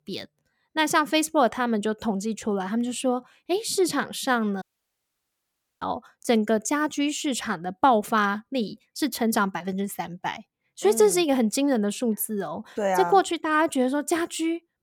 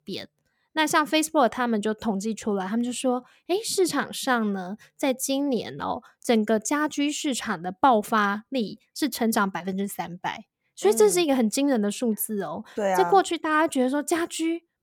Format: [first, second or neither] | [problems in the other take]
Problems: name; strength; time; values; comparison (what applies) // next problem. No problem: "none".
second | audio cutting out; at 4.5 s for 1 s